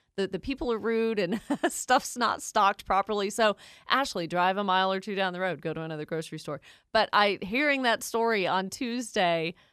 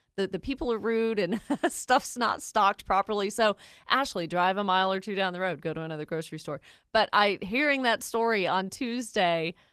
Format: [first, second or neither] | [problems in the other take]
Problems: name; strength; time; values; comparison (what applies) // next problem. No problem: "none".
first | garbled, watery; slightly; nothing above 14 kHz